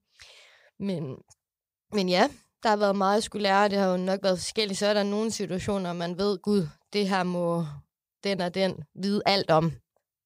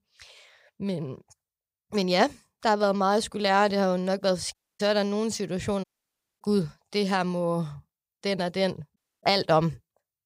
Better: first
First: none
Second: audio cutting out; at 4.5 s, at 6 s for 0.5 s and at 9 s

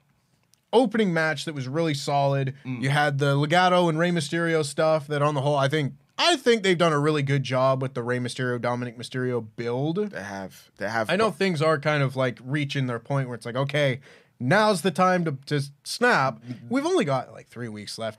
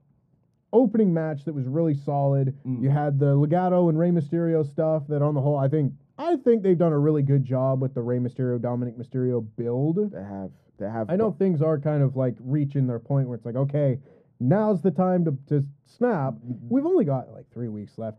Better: first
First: none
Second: muffled; very; fading above 1 kHz

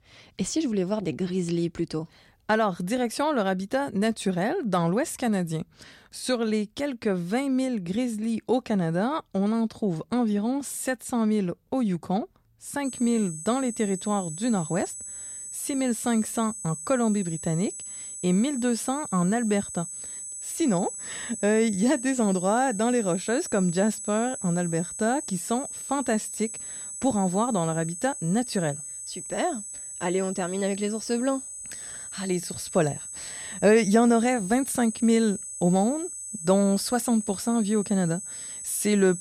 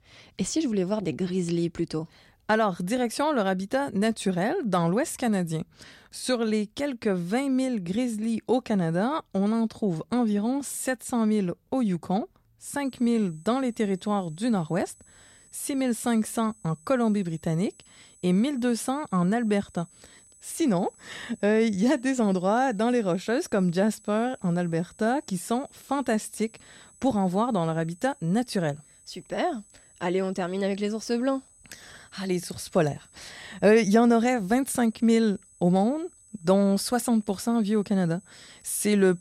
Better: second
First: high-pitched whine; loud; from 13 s on; 8 kHz, 8 dB below the speech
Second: high-pitched whine; faint; from 13 s on; 8 kHz, 25 dB below the speech

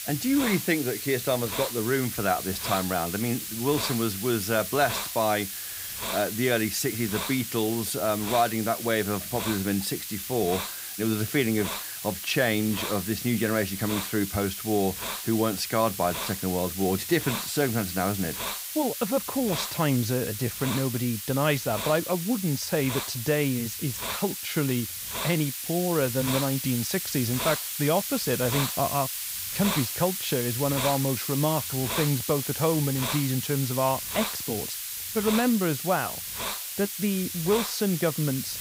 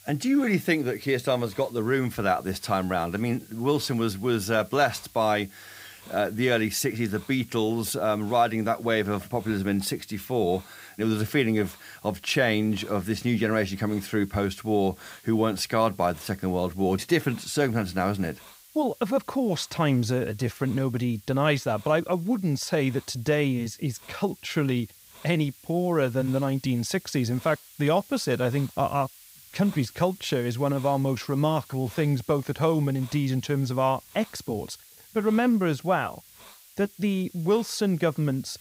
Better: second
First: hiss; loud; throughout; 4 dB below the speech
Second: hiss; faint; throughout; 25 dB below the speech

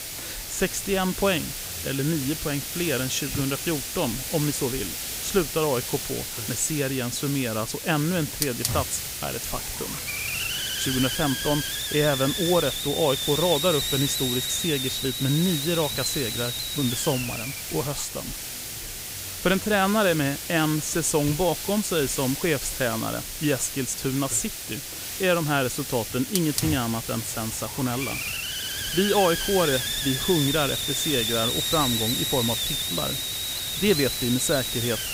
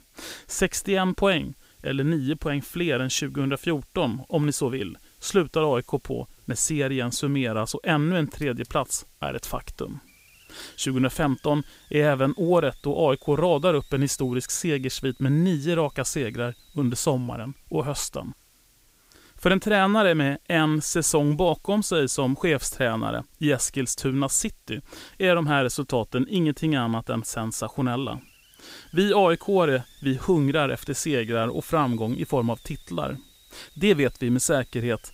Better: second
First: hiss; loud; throughout; 2 dB below the speech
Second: hiss; faint; throughout; 30 dB below the speech

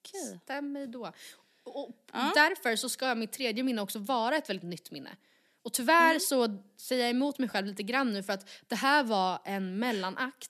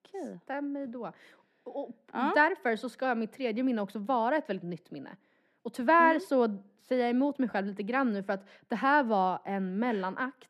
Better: first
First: none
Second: muffled; very; fading above 3 kHz

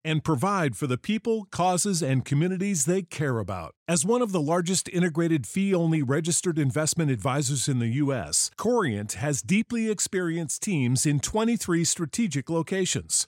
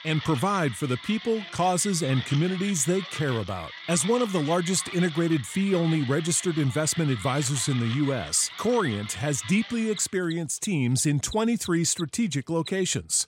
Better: first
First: none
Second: machinery noise; noticeable; throughout; 15 dB below the speech

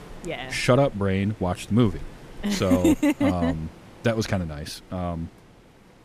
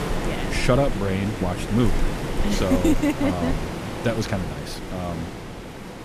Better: first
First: rain or running water; faint; throughout; 20 dB below the speech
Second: rain or running water; loud; throughout; 5 dB below the speech

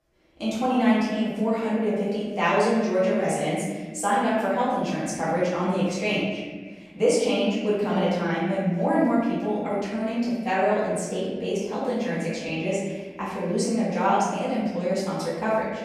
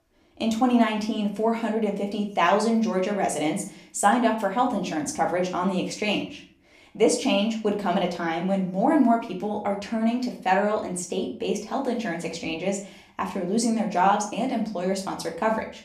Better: second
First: room echo; strong; dies away in 1.5 s // off-mic speech; far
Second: room echo; slight; dies away in 0.4 s // off-mic speech; somewhat distant

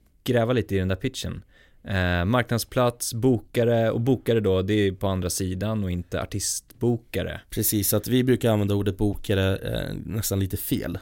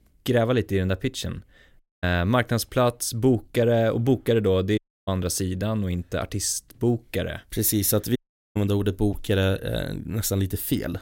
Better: first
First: none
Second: audio cutting out; at 2 s, at 5 s and at 8 s

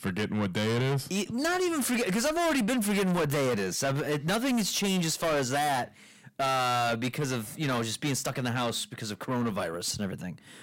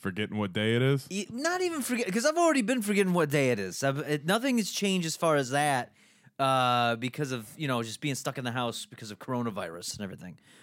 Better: second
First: distortion; heavy; 6 dB below the speech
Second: none

